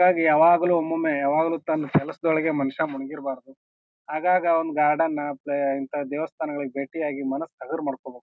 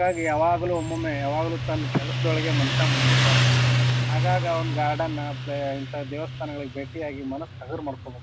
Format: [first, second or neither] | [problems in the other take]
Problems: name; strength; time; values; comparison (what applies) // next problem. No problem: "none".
first | background sound (Motorcycle); 3 dB above the speech